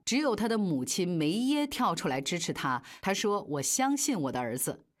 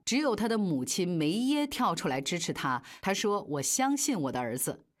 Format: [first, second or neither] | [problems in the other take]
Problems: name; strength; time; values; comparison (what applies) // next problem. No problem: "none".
neither | none